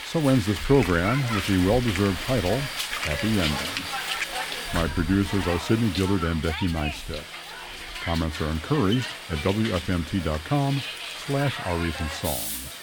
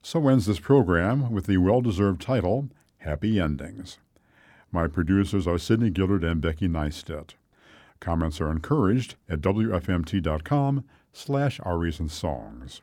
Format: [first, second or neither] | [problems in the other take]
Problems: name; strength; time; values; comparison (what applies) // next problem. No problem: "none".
second | hiss; loud; throughout; 5 dB below the speech